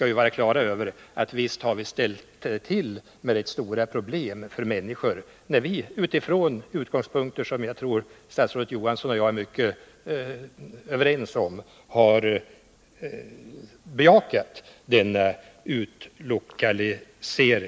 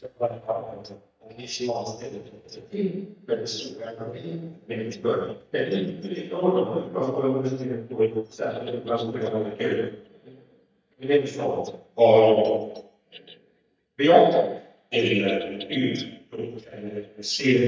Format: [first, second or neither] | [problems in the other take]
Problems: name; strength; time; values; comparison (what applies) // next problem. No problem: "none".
first | noise reduction (neural mask model DeepFilterNet 3)